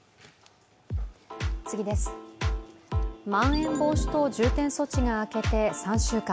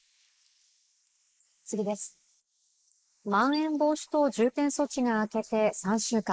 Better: first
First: none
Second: noise reduction (neural mask model Resemble Enhance denoiser)

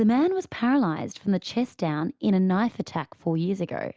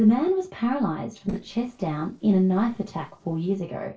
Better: first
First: none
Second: noise reduction (neural separator model SepFormer DNS4)

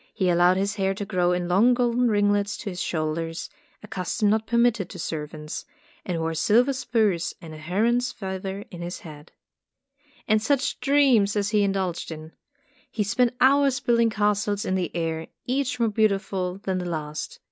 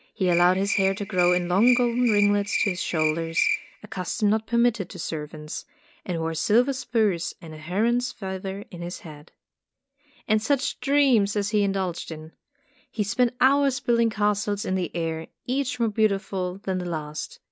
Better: first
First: none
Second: background sound (Cricket); 5 dB below the speech

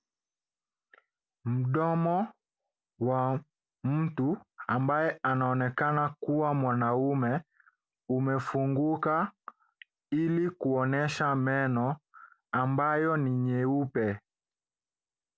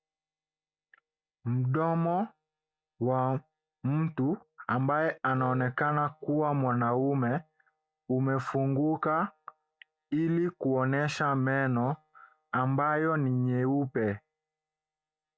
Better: first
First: none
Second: noise reduction (neural mask model DeepFilterNet 3)

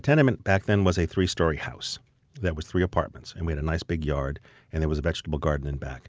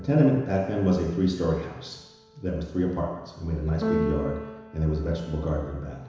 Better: first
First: none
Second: background sound (Keyboard (musical)); 10 dB below the speech // room echo; dies away in 1 s

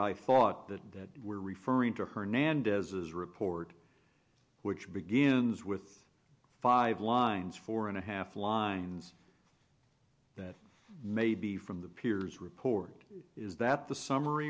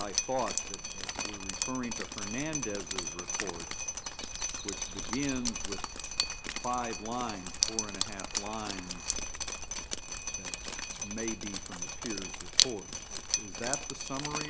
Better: first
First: none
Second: background sound (Drip); 4 dB above the speech

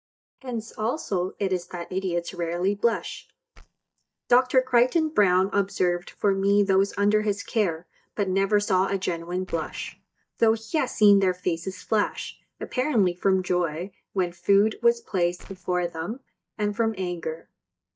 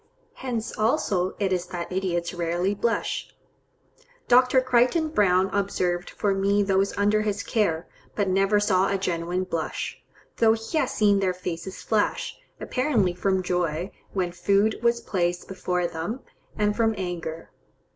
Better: second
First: noise reduction (neural mask model DeepFilterNet 3)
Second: none

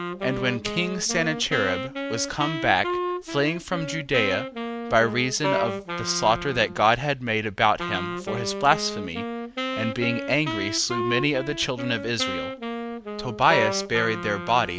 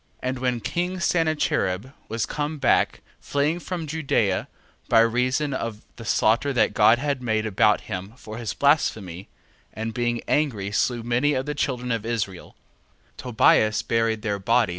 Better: second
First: background sound (Wind instrument, woodwind instrument); 5 dB below the speech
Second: none

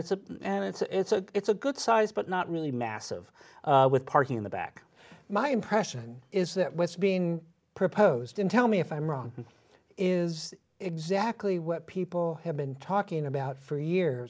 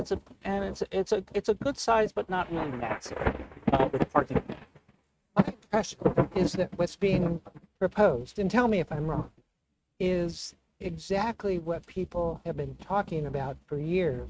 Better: first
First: none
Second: noise reduction (neural mask model RNNoise)

